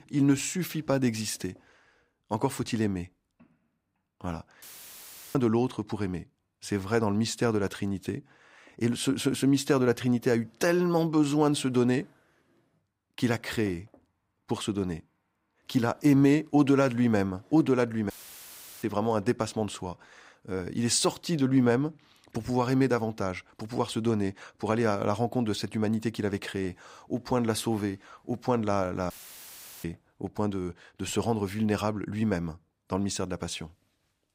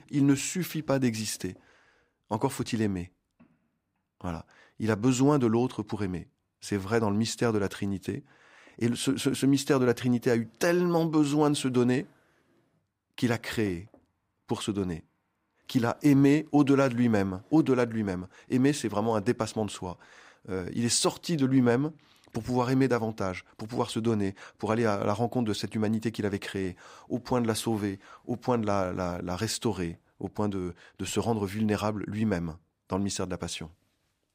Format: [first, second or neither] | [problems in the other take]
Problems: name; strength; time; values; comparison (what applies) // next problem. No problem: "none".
second | audio cutting out; filled with static; at 4.5 s for 0.5 s, at 18 s for 0.5 s and at 29 s for 0.5 s